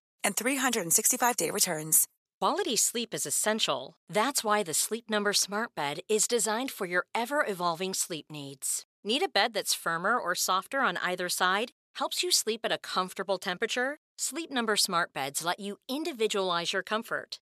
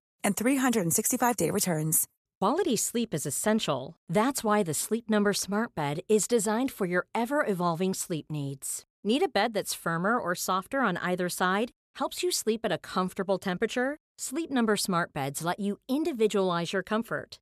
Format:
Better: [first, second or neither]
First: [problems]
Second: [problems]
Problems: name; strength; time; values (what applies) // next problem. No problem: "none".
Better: second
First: thin; somewhat; fading below 600 Hz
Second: none